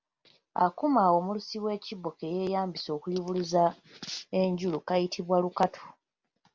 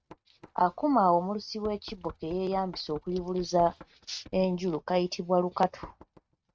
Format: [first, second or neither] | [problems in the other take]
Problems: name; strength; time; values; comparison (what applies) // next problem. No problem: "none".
first | noise reduction (neural mask model RNNoise)